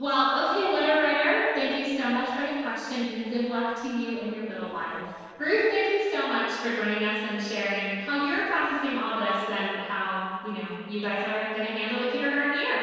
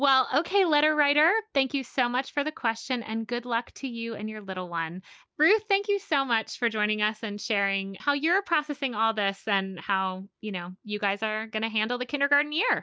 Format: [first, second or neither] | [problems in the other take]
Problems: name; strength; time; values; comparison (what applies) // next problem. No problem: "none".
second | noise reduction (neural separator model SepFormer DNS4)